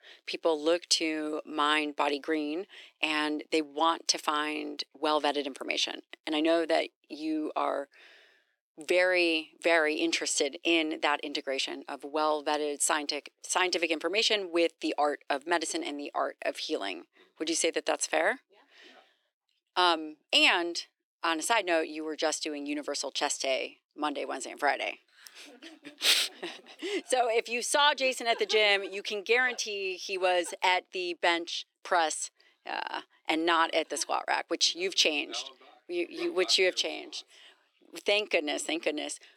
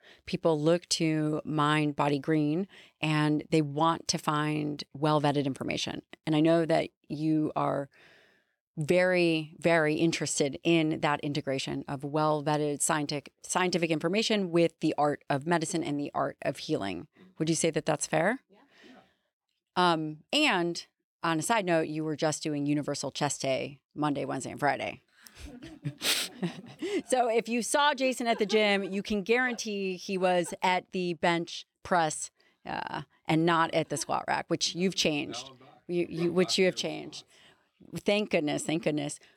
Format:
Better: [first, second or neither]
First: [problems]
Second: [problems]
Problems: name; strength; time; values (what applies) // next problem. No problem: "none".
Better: second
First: thin; somewhat; fading below 300 Hz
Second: none